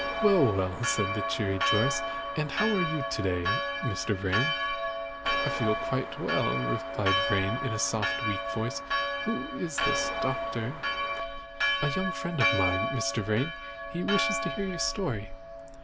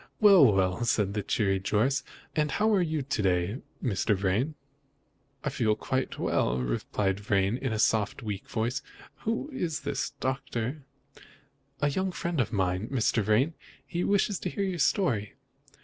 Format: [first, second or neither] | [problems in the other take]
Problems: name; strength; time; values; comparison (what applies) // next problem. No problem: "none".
second | background sound (Church bell); as loud as the speech